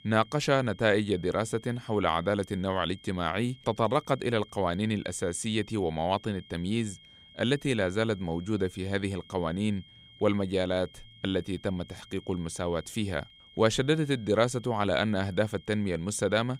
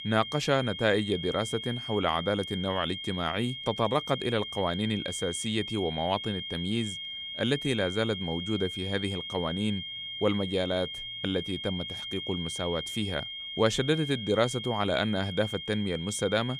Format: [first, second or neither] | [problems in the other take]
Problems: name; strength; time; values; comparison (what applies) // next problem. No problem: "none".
first | high-pitched whine; loud; throughout; 3 kHz, 6 dB below the speech; faint in the first